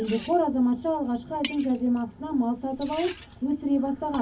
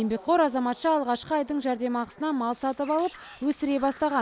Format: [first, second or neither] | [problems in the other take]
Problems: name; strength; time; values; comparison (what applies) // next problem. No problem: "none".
second | background sound (Liquid); 17 dB below the speech // room echo; dies away in 0.3 s